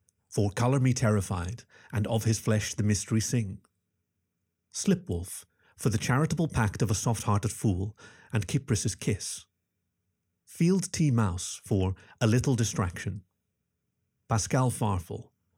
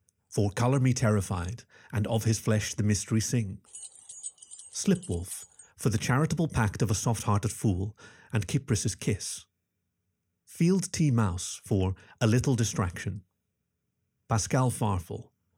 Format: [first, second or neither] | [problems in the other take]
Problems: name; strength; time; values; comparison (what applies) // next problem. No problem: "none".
first | jangling keys; faint; from 3.5 to 5.5 s; peak 10 dB below the speech